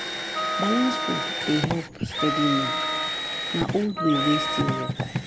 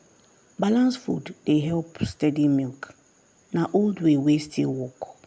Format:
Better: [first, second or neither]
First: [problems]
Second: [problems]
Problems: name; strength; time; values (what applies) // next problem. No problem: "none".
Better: second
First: background sound (Wind instrument, woodwind instrument + Drill); as loud as the speech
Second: none